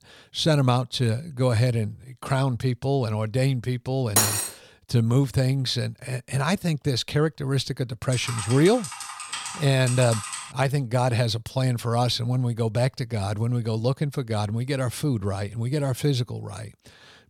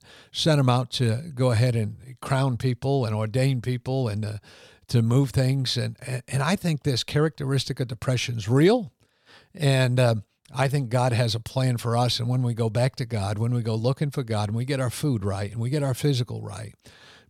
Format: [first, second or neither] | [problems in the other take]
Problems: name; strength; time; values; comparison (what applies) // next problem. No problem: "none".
second | clattering dishes; loud; at 4 s; peak 4 dB above the speech // keyboard typing; noticeable; from 8 to 11 s; peak 5 dB below the speech